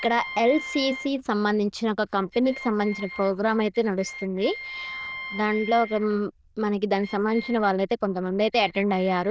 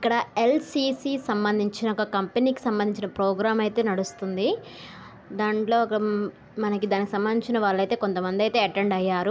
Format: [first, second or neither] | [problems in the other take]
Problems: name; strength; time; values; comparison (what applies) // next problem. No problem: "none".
second | noise reduction (neural diffusion model UNIVERSE++)